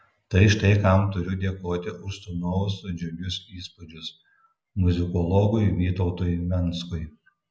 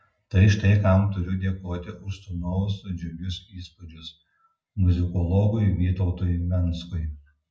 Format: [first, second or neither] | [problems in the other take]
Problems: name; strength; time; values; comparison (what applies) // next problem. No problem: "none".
first | room echo; dies away in 0.4 s